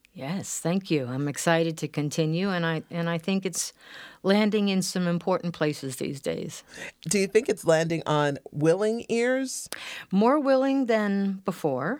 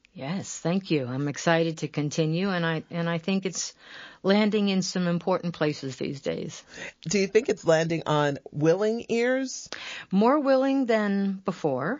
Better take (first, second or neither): first